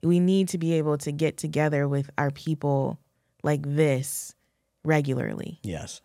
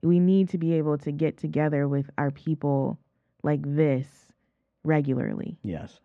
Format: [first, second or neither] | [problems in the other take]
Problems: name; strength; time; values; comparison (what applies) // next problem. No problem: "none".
first | muffled; very; fading above 2 kHz